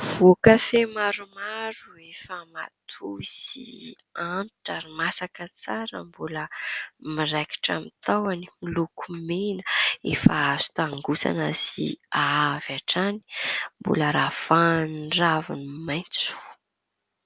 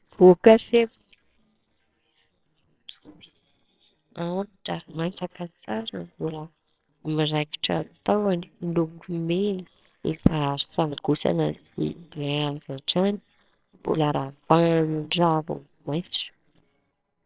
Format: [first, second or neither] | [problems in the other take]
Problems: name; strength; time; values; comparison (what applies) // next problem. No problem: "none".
first | noise reduction (neural separator model SepFormer WHAMR!)